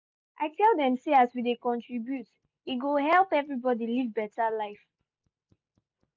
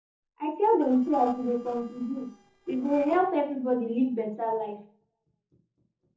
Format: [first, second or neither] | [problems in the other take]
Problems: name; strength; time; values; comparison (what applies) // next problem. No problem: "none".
first | noise reduction (neural separator model SepFormer DNS4)